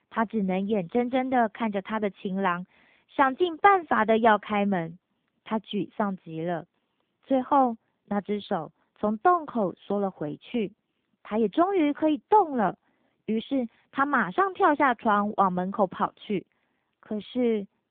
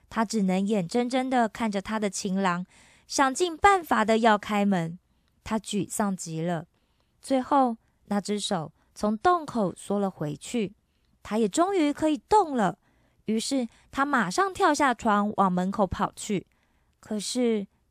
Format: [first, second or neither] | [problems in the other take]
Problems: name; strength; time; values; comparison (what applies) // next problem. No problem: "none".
second | phone-call audio